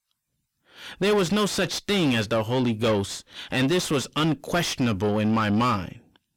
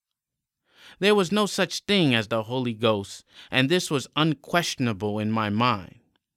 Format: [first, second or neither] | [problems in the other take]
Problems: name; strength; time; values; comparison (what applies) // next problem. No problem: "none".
second | distortion; heavy; 5 dB below the speech